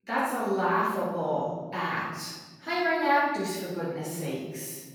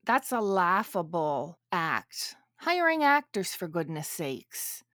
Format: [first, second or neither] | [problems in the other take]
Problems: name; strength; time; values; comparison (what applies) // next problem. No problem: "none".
second | off-mic speech; far // room echo; strong; dies away in 1.3 s